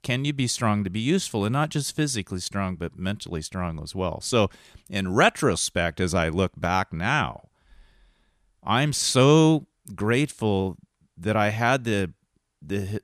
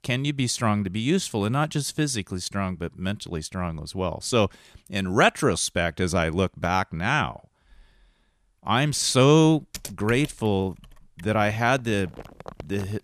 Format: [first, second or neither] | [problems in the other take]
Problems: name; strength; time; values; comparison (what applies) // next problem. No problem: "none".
first | household noises; noticeable; from 9 s on; 20 dB below the speech